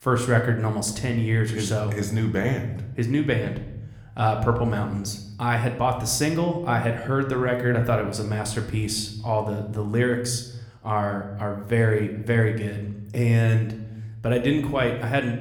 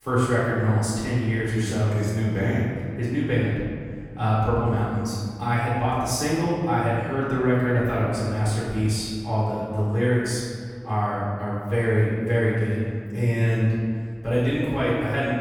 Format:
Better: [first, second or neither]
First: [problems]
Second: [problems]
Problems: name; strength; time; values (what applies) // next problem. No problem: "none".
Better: first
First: room echo; slight; dies away in 0.7 s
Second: room echo; strong; dies away in 2 s // off-mic speech; far